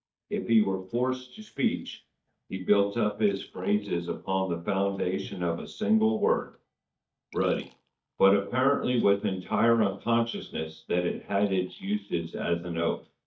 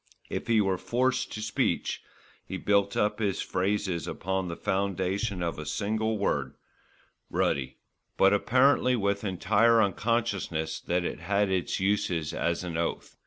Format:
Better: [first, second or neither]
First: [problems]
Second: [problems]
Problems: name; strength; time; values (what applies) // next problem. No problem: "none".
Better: second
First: noise reduction (neural mask model DeepFilterNet 3)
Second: none